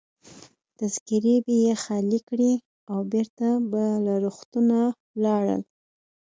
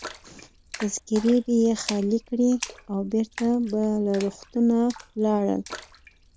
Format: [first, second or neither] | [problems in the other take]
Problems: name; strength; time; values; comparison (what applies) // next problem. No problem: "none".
first | background sound (Splash, splatter); 17 dB below the speech